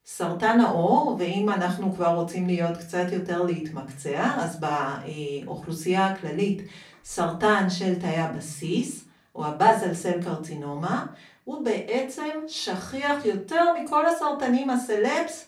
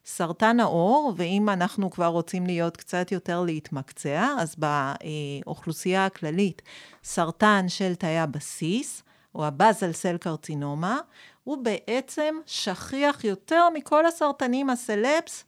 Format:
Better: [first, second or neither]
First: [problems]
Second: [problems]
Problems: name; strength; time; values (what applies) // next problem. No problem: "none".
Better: second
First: off-mic speech; far // room echo; very slight; dies away in 0.3 s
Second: none